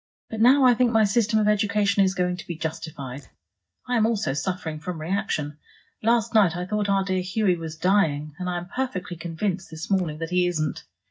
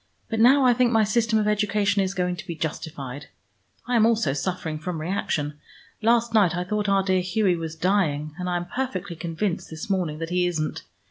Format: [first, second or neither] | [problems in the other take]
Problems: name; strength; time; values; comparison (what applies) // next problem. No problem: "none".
second | noise reduction (neural mask model DeepFilterNet 3)